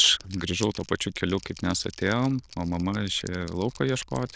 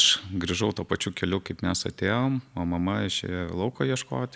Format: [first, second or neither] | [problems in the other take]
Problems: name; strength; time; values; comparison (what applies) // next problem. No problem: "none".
second | noise reduction (neural diffusion model UNIVERSE++)